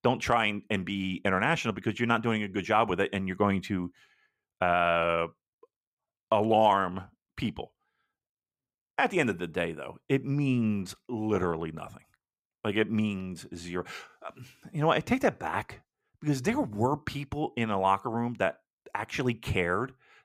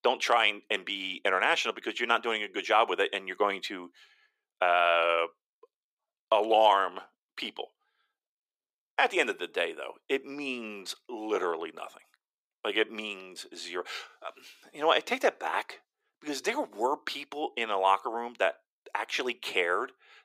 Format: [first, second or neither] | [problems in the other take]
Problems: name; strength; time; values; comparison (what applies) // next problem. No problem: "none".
first | thin; very; fading below 350 Hz